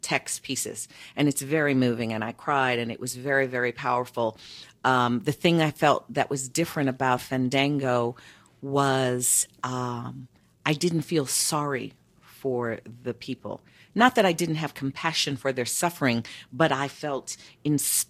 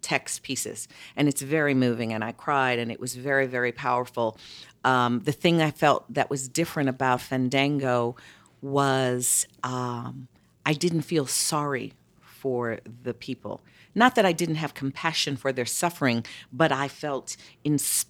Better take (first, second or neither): second